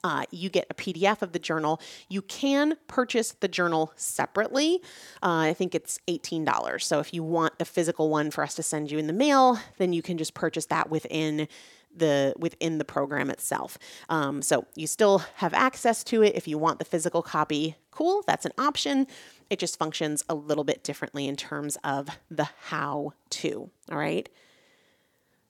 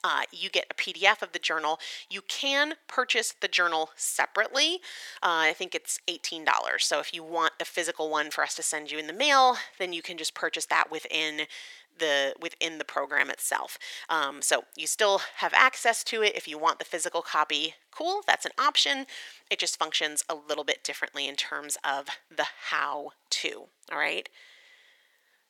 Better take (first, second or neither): first